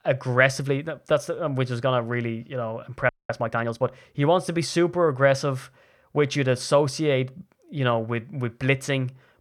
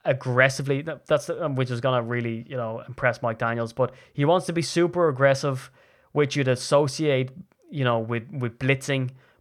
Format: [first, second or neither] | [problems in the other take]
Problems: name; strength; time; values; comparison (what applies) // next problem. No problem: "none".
second | audio freezing; at 3 s